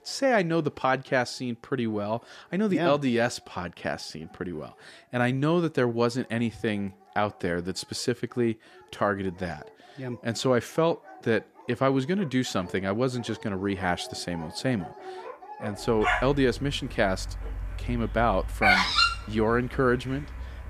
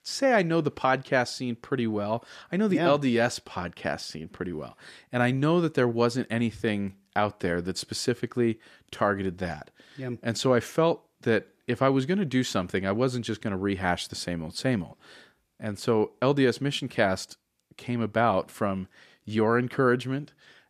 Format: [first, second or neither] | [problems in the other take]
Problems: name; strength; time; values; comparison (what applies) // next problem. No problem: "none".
second | animal sounds; loud; throughout; 2 dB below the speech